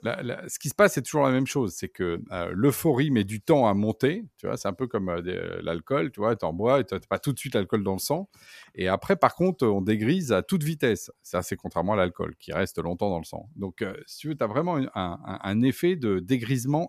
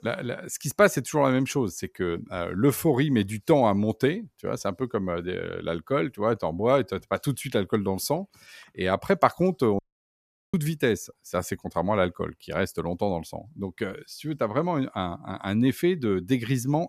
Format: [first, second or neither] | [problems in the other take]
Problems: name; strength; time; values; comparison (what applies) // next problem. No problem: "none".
first | audio cutting out; at 10 s for 0.5 s